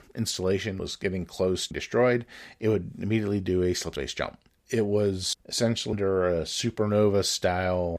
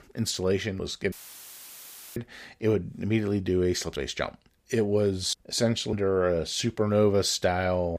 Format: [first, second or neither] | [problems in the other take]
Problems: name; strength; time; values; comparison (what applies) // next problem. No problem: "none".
first | audio cutting out; filled with static; at 1 s for 1 s